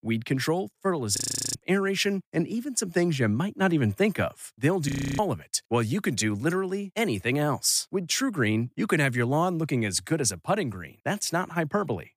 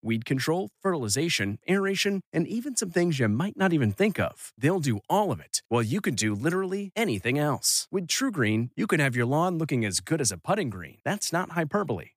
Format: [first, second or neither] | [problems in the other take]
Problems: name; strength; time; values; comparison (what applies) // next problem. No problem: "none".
second | audio freezing; at 1 s and at 5 s